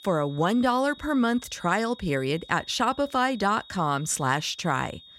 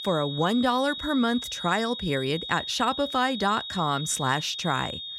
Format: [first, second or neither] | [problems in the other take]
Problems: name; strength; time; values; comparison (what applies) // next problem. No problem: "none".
first | high-pitched whine; loud; throughout; 3.5 kHz, 7 dB below the speech; faint in the first